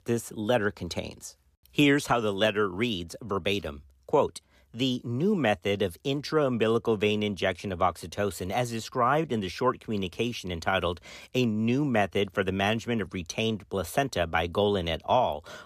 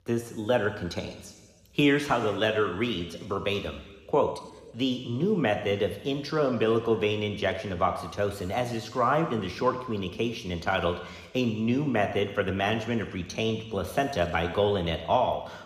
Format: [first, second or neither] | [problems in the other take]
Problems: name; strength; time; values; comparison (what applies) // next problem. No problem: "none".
first | room echo; slight; dies away in 1.5 s